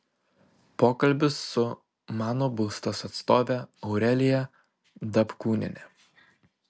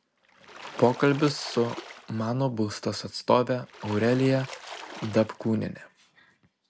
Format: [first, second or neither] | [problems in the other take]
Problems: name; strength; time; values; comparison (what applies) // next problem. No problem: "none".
first | background sound (Splash, splatter); 16 dB below the speech